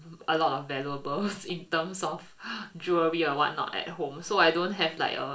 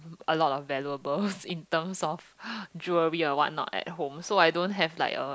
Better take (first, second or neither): second